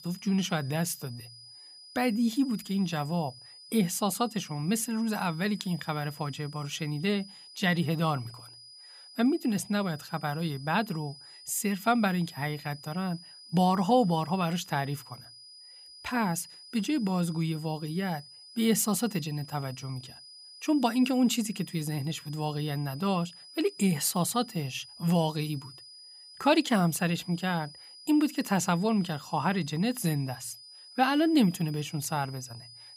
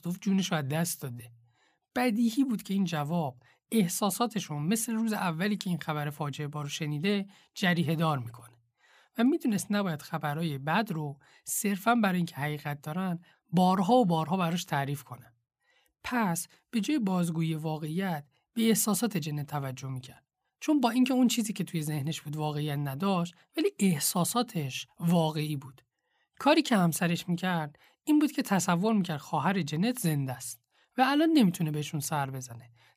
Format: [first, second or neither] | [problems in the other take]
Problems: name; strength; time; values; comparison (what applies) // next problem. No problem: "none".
second | high-pitched whine; noticeable; throughout; 5 kHz, 20 dB below the speech